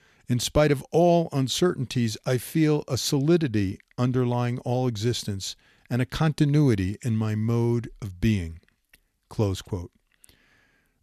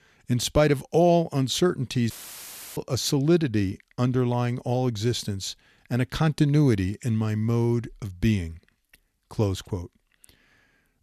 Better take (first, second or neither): first